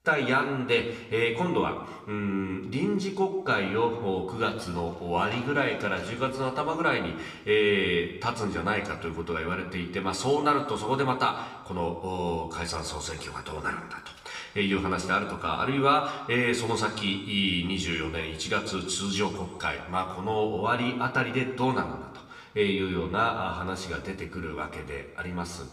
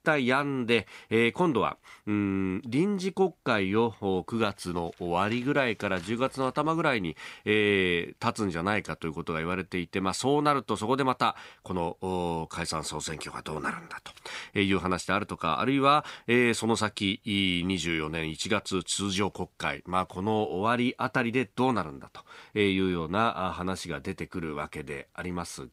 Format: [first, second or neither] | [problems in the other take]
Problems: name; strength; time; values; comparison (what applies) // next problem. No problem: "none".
second | room echo; slight; dies away in 1 s